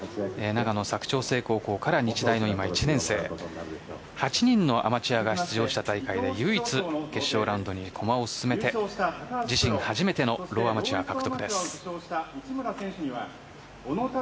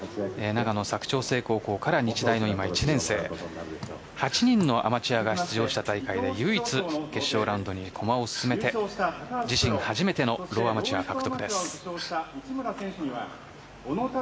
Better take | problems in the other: first | background sound (Drip + Dog); 19 dB below the speech

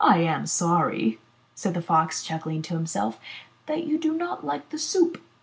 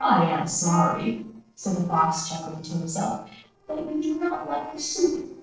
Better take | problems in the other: first | noise reduction (neural separator model SepFormer DNS4)

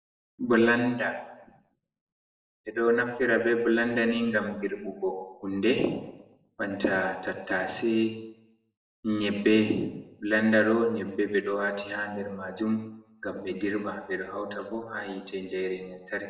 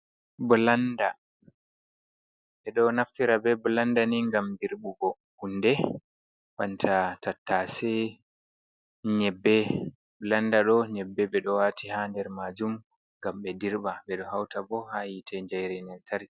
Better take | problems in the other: second | room echo; dies away in 0.8 s

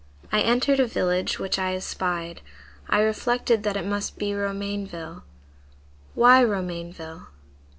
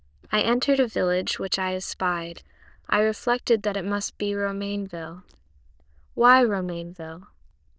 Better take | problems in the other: first | noise reduction (neural diffusion model UNIVERSE++)

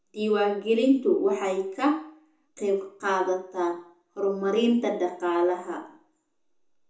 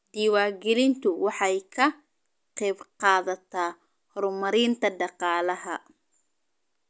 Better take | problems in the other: second | room echo; dies away in 0.6 s

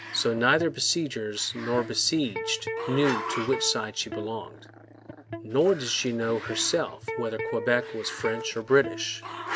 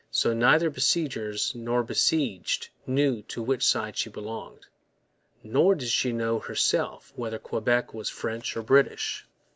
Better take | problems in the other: second | background sound (Electric guitar + Growling); 9 dB below the speech

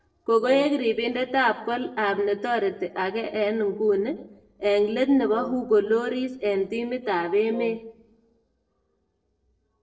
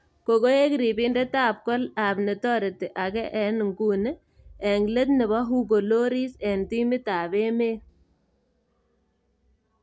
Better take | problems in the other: second | noise reduction (neural separator model SepFormer DNS4)

